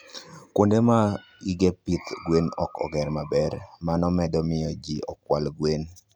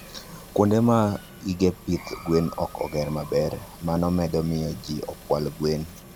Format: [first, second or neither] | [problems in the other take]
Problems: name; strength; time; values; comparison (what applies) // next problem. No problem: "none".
first | background sound (Engine); 19 dB below the speech